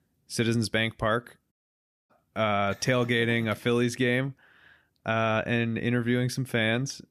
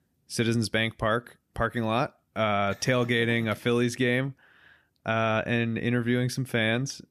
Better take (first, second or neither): second